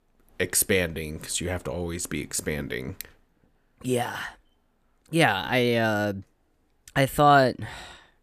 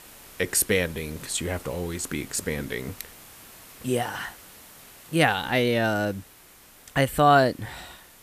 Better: first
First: none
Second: hiss; faint; throughout; 20 dB below the speech

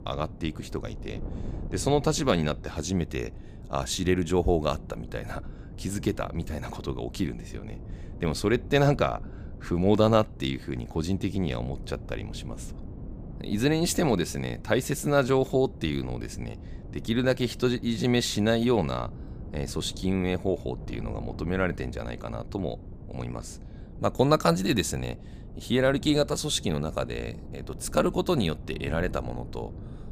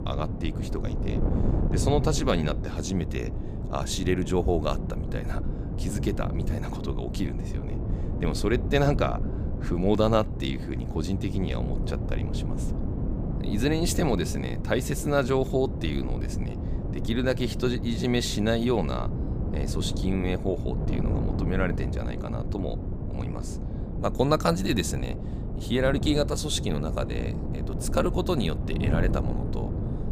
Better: first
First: wind noise on the microphone; occasional gusts; 20 dB below the speech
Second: wind noise on the microphone; heavy; 10 dB below the speech

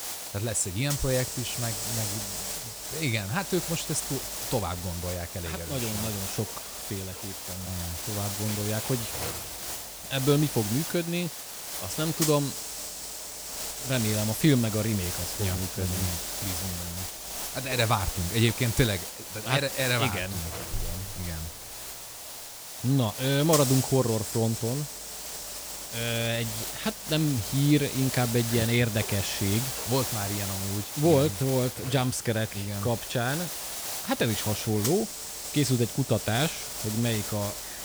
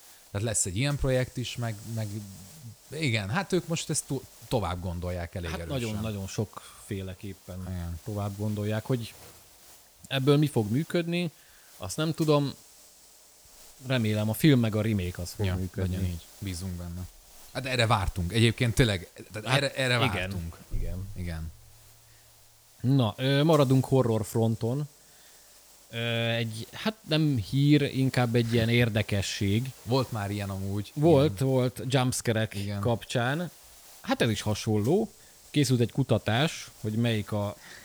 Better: second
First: hiss; loud; throughout; 4 dB below the speech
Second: hiss; faint; throughout; 20 dB below the speech

